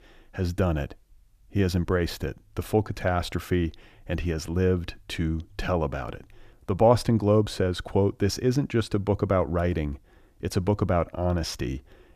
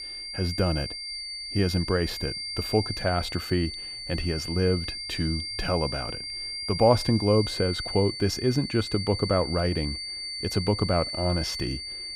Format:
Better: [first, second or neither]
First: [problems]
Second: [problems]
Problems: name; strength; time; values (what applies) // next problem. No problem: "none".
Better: first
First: none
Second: high-pitched whine; loud; throughout; 4.5 kHz, 5 dB below the speech